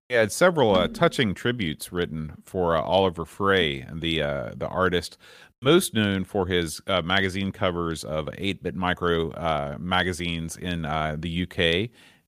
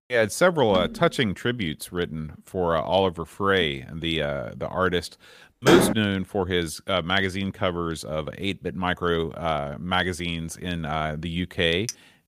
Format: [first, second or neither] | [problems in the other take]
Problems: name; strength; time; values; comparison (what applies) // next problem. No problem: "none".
first | door banging; loud; at 5.5 s; peak 5 dB above the speech // clattering dishes; very faint; at 12 s; peak 10 dB below the speech